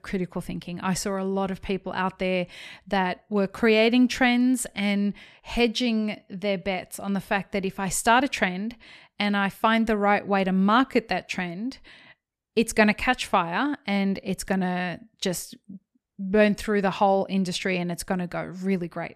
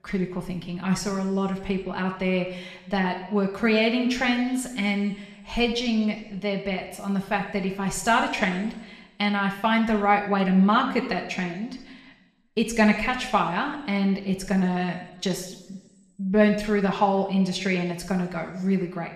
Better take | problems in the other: first | room echo; slight; dies away in 1 s // off-mic speech; somewhat distant

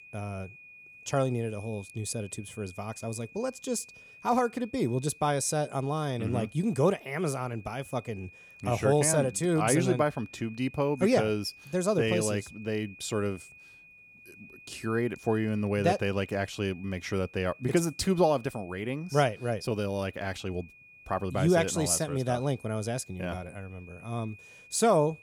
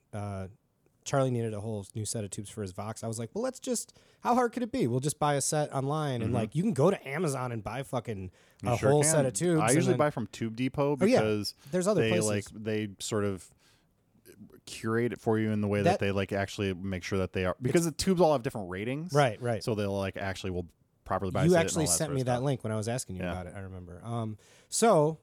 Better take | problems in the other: second | high-pitched whine; faint; throughout; 2.5 kHz, 20 dB below the speech

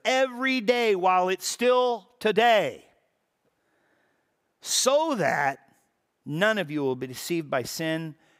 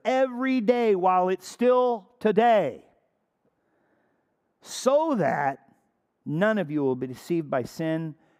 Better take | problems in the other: first | muffled; slightly; fading above 2 kHz

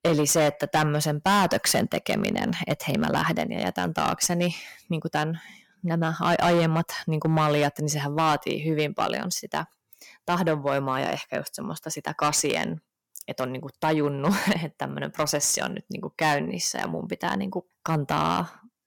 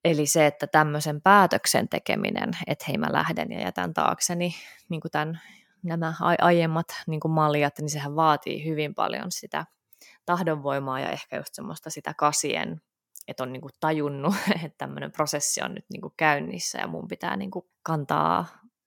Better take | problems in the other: second | distortion; heavy; 6% of the sound clipped

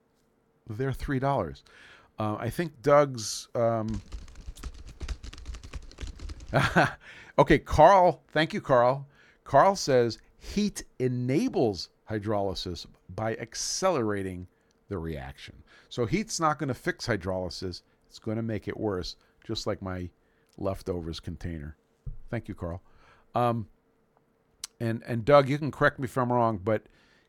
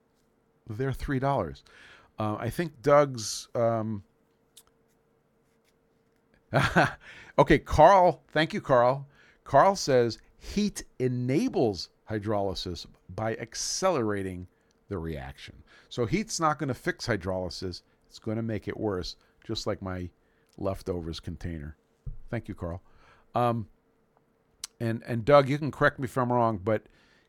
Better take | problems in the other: second | keyboard typing; faint; from 4 to 6.5 s; peak 15 dB below the speech

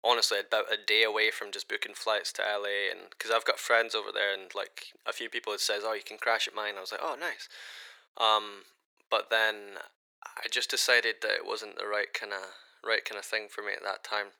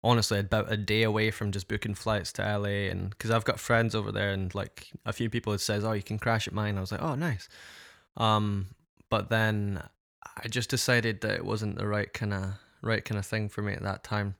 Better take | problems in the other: second | thin; very; fading below 400 Hz

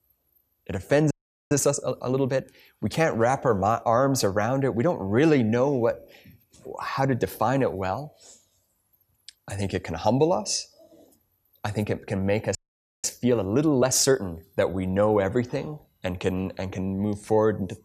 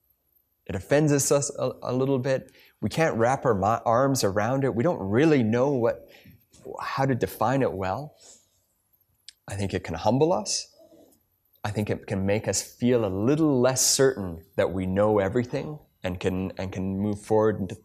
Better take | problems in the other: second | audio freezing; at 1 s and at 13 s

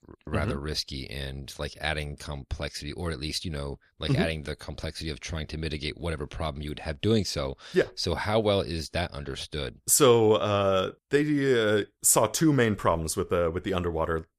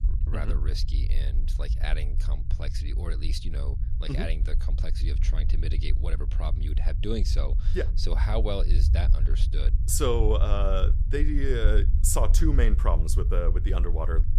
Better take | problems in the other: first | low rumble; noticeable; throughout; 15 dB below the speech

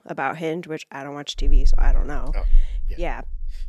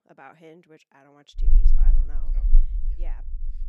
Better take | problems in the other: first | low rumble; loud; from 1.5 s on; 3 dB below the speech; faint in the first

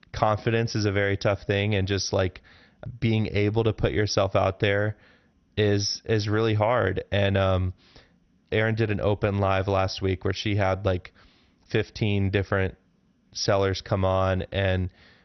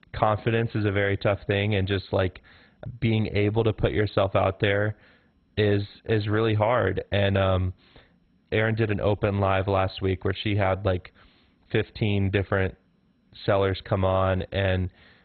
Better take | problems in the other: first | garbled, watery; badly; nothing above 4 kHz; slightly in the first

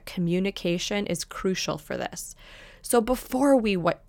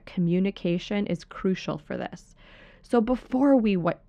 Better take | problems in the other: first | muffled; slightly; fading above 3 kHz

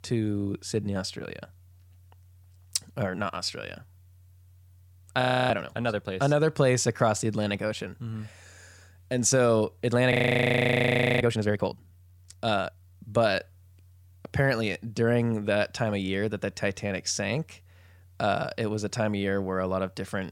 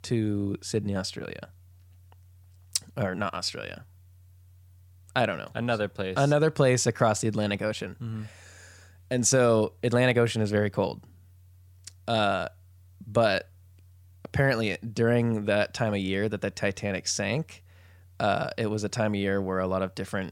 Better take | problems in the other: second | audio freezing; at 5 s and at 10 s for 1 s

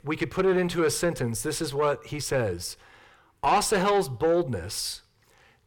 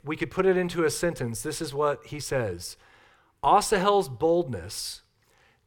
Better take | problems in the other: second | distortion; slight; 10 dB below the speech

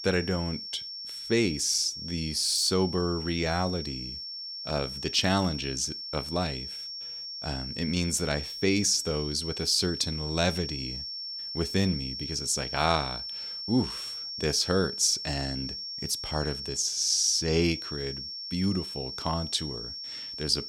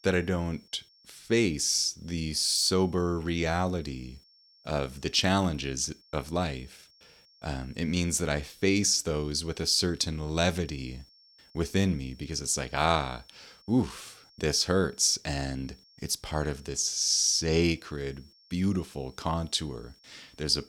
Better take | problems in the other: second | high-pitched whine; loud; throughout; 5.5 kHz, 7 dB below the speech; faint in the second

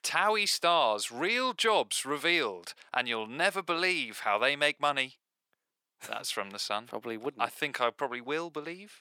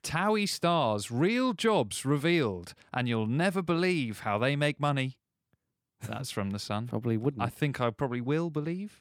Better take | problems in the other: second | thin; very; fading below 550 Hz

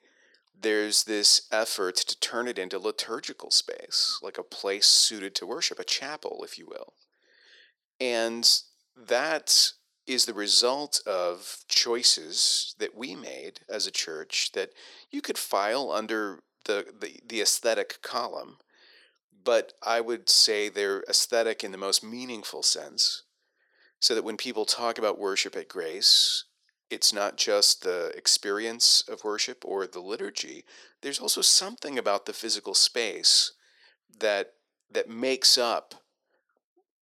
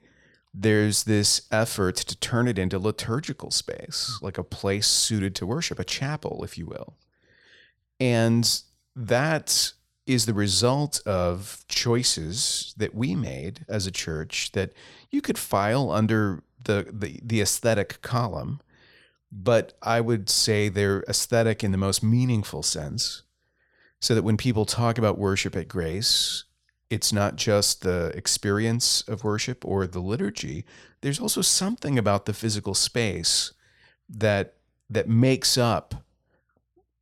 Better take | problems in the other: second | thin; very; fading below 350 Hz

